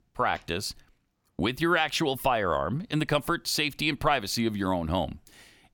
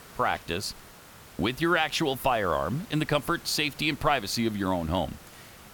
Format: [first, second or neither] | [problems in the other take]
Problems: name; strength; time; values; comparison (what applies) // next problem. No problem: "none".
first | hiss; faint; throughout; 20 dB below the speech